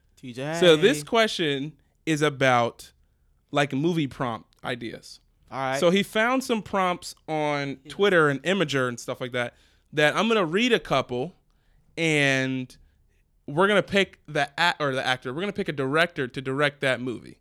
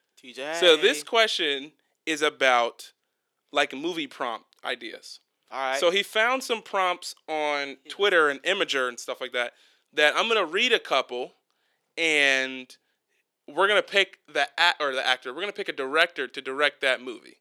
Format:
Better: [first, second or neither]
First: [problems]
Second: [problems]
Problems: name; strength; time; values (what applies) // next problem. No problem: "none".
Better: first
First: none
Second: thin; somewhat; fading below 350 Hz